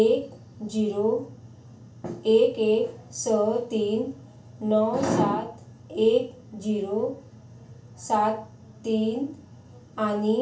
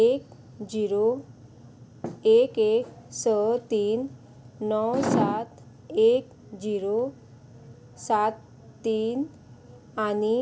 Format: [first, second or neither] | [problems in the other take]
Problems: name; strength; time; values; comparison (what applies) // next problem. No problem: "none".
second | room echo; dies away in 0.3 s